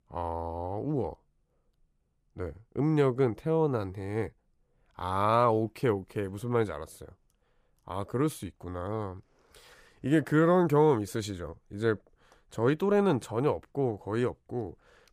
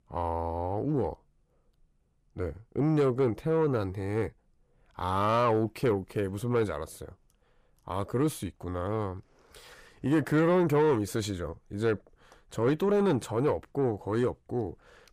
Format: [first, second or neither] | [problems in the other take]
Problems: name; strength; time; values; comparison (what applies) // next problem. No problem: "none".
first | distortion; slight; 10 dB below the speech